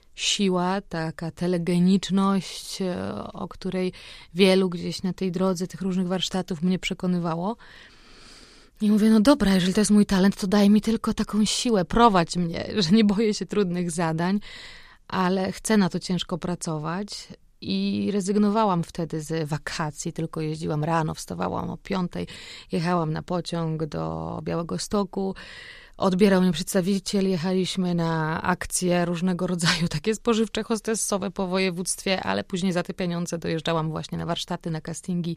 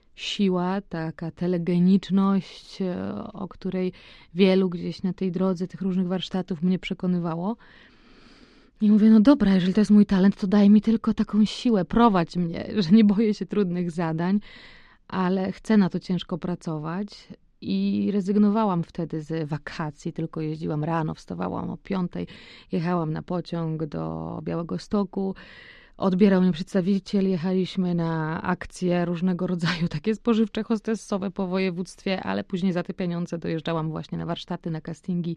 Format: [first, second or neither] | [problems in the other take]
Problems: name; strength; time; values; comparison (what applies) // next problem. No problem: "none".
first | muffled; very slightly; fading above 4 kHz